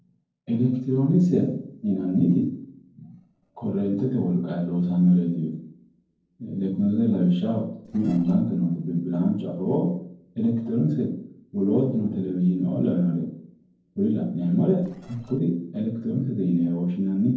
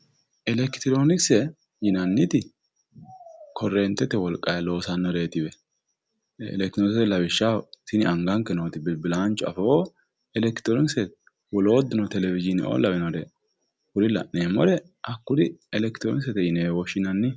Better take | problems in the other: second | noise reduction (neural separator model SepFormer DNS4)

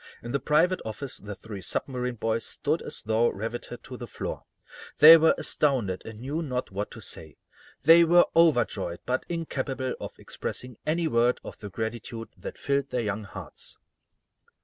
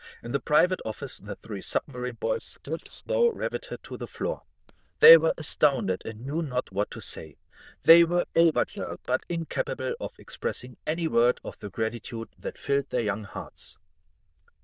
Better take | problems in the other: first | noise reduction (neural diffusion model UNIVERSE++)

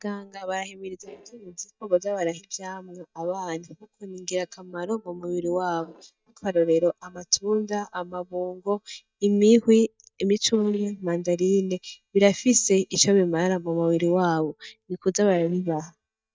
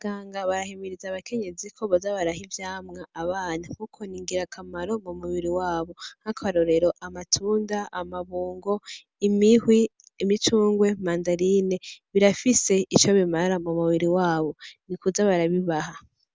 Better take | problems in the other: second | noise reduction (neural mask model DeepFilterNet 3)

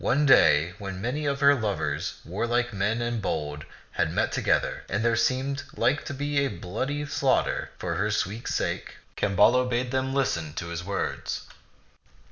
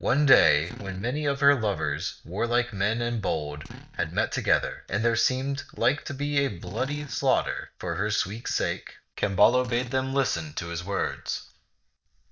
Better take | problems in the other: first | noise reduction (neural mask model DeepFilterNet 3)

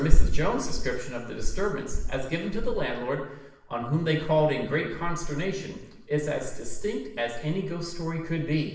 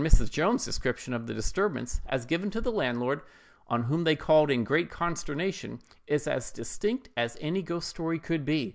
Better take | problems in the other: second | room echo; dies away in 0.8 s

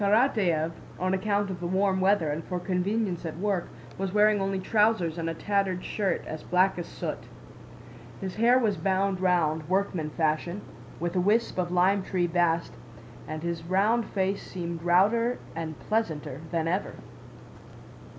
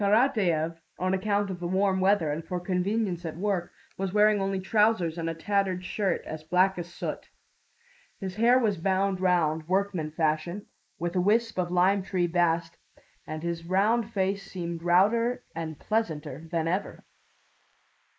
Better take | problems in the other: first | noise reduction (neural mask model Resemble Enhance denoiser)

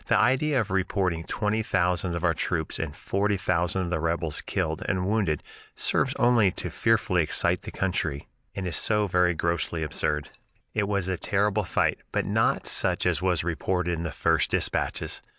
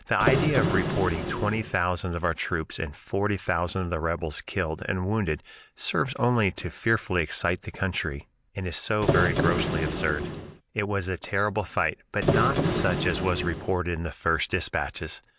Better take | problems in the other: first | background sound (Printer); 1 dB above the speech

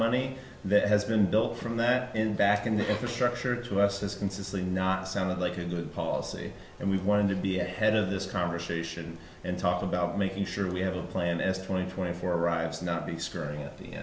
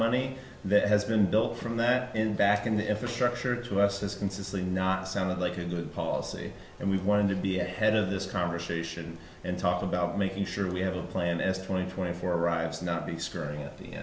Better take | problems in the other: second | background sound (Cough); 14 dB below the speech

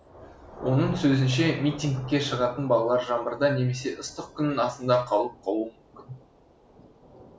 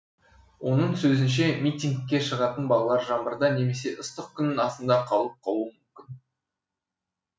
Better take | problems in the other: second | background sound (Thunder / Rain); 18 dB below the speech

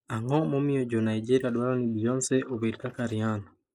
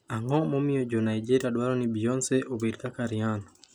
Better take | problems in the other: second | noise reduction (neural mask model Resemble Enhance denoiser)

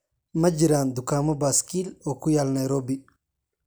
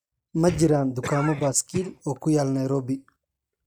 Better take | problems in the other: first | noise reduction (neural mask model RNNoise)

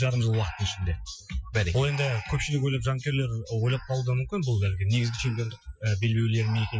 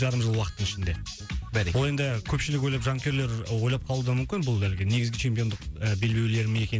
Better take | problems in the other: second | noise reduction (classical method Wiener filter)

